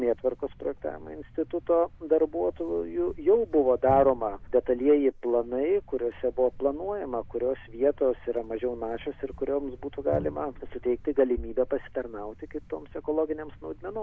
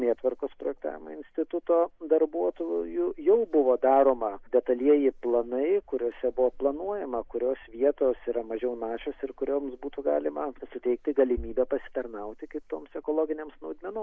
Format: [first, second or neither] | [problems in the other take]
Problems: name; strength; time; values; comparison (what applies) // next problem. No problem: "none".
second | background sound (Thump, thud); 18 dB below the speech